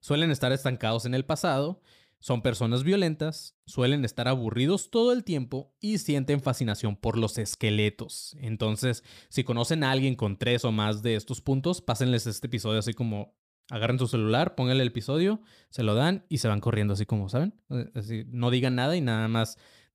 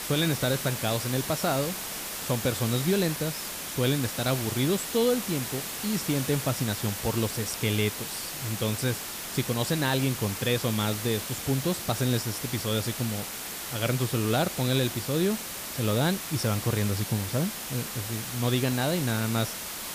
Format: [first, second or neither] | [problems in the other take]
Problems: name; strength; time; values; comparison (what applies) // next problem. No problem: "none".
first | hiss; loud; throughout; 4 dB below the speech